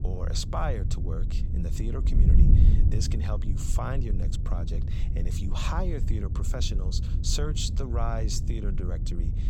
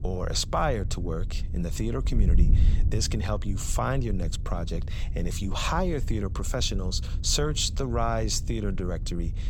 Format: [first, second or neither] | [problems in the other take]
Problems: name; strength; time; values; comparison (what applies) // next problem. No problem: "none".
second | wind noise on the microphone; heavy; 7 dB below the speech; occasional gusts in the second